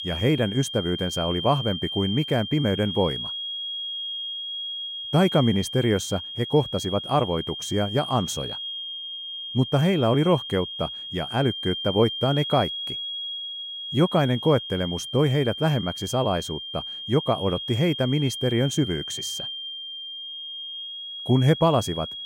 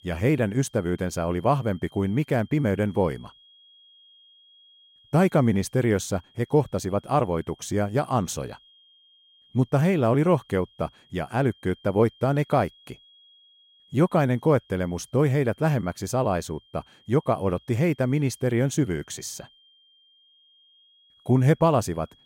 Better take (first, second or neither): second